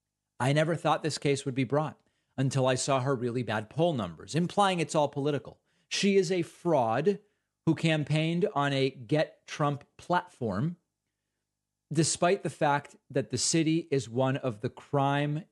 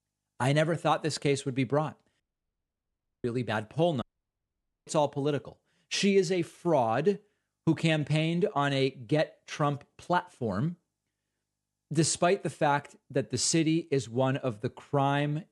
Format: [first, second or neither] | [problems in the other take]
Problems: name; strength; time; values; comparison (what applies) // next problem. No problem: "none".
first | audio cutting out; at 2 s for 1 s and at 4 s for 1 s